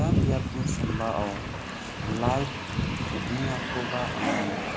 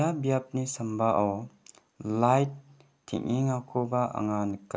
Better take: second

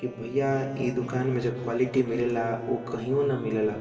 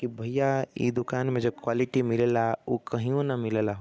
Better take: second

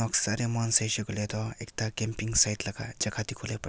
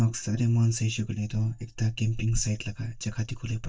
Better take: first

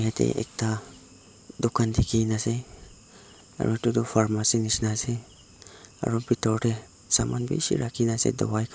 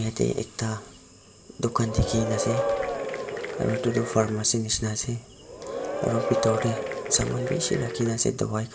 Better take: first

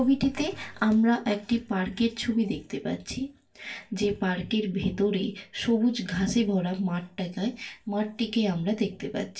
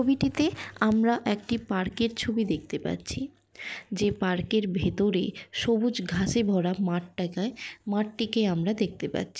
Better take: second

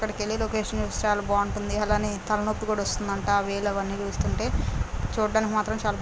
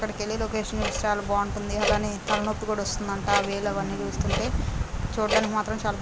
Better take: first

